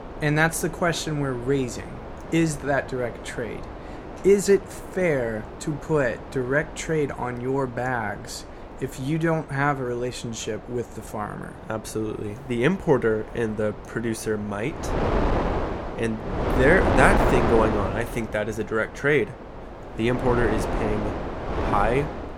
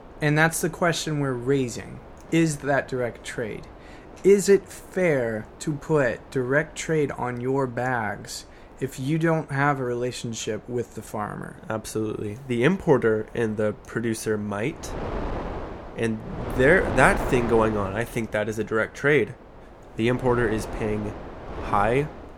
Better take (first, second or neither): second